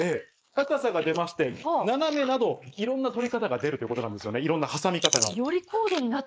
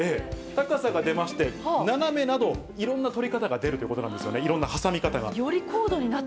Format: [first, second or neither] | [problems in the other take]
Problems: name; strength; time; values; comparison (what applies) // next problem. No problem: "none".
second | noise reduction (neural mask model Resemble Enhance denoiser)